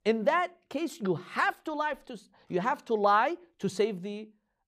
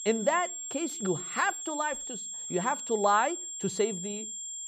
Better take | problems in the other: first | high-pitched whine; loud; throughout; 7.5 kHz, 5 dB below the speech

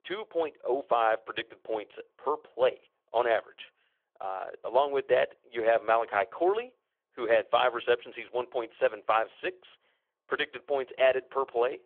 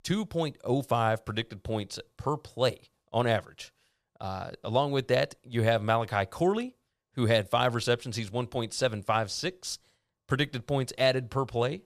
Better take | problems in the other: second | phone-call audio; nothing above 3.5 kHz

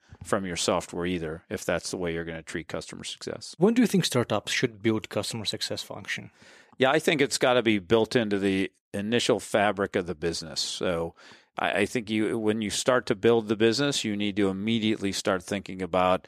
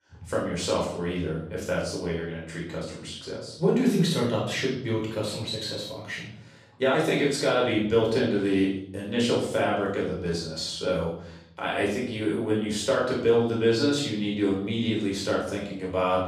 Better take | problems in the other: first | off-mic speech; far // room echo; noticeable; dies away in 0.8 s

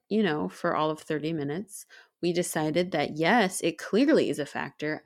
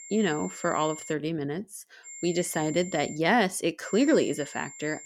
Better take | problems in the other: first | high-pitched whine; noticeable; until 1 s, from 2 to 3 s and from 4 s on; 7.5 kHz, 15 dB below the speech

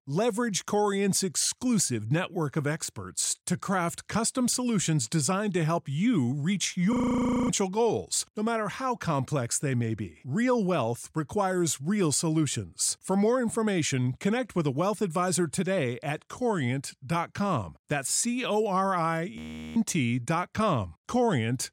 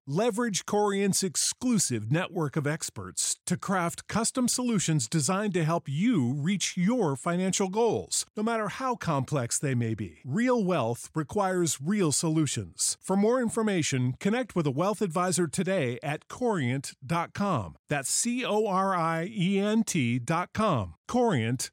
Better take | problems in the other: second | audio freezing; at 7 s for 0.5 s and at 19 s

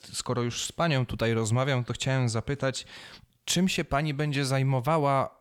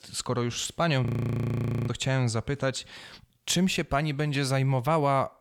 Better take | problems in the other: first | audio freezing; at 1 s for 1 s

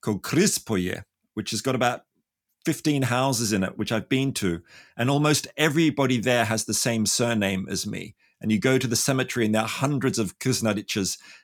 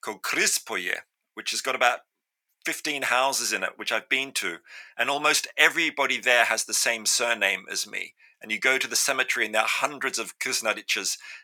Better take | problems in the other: first | thin; very; fading below 700 Hz

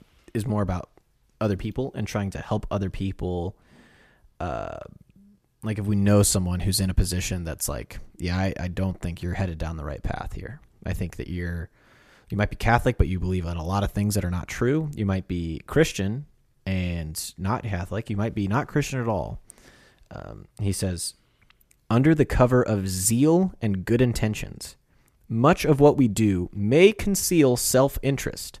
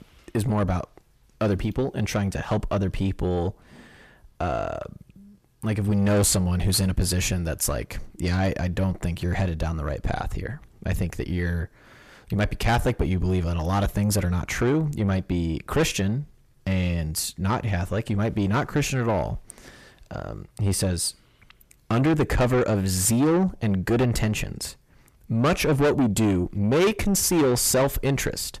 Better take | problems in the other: first | distortion; heavy; 7 dB below the speech

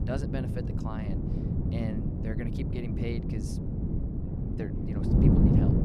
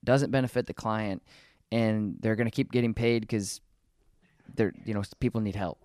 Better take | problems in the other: second | wind noise on the microphone; heavy; 4 dB above the speech

